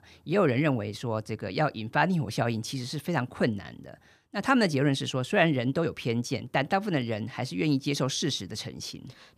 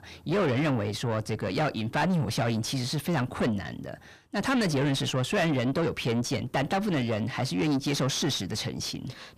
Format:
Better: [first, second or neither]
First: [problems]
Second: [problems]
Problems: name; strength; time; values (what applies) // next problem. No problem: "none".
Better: first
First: none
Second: distortion; heavy; 6 dB below the speech